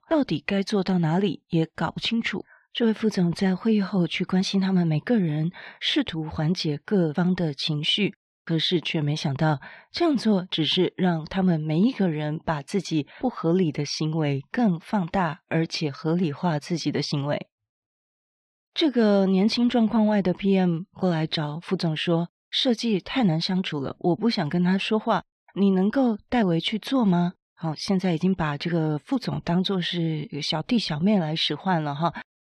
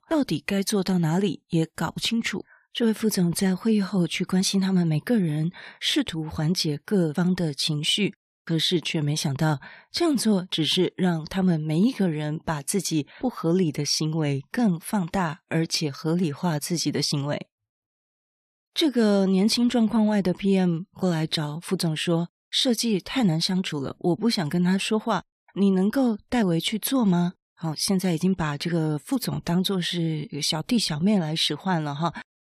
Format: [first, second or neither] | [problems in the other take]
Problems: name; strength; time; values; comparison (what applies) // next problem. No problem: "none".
second | muffled; very slightly; fading above 3.5 kHz